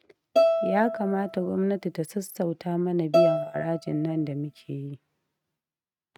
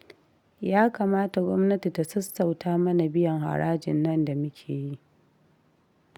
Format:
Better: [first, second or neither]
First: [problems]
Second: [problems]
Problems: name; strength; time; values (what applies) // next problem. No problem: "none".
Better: second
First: noise reduction (neural mask model RNNoise)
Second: none